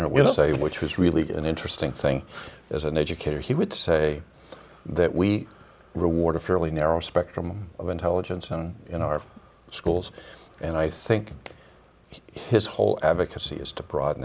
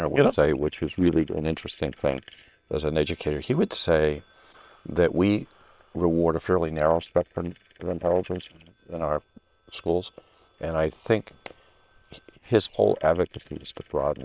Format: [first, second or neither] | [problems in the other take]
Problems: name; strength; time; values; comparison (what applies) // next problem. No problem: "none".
first | noise reduction (neural separator model SepFormer WHAM!)